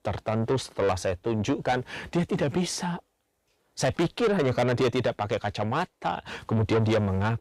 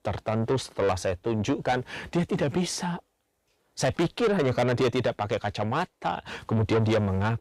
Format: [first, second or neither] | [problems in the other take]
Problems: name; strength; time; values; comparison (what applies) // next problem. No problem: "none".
neither | distortion; heavy; 8 dB below the speech; the same in both